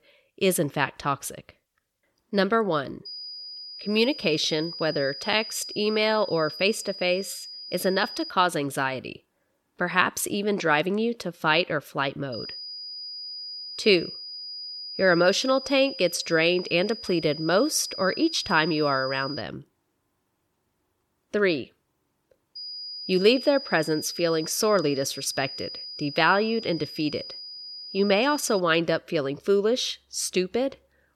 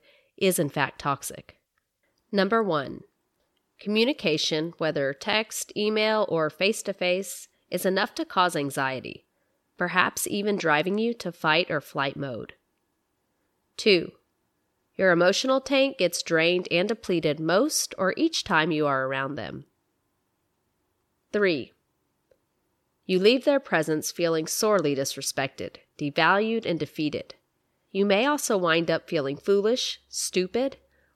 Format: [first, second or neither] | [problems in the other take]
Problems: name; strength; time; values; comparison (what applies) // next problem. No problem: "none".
second | high-pitched whine; noticeable; from 3 to 8.5 s, from 12 to 19 s and from 23 to 29 s; 5 kHz, 10 dB below the speech